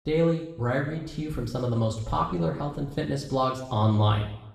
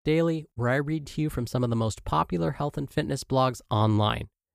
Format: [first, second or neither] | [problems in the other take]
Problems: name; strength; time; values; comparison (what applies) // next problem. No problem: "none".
second | room echo; slight; dies away in 0.8 s // off-mic speech; far